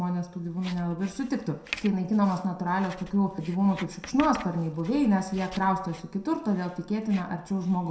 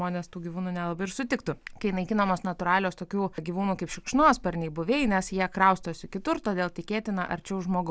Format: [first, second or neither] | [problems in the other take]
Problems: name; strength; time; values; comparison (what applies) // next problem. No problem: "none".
second | background sound (Writing); 18 dB below the speech // room echo; dies away in 0.5 s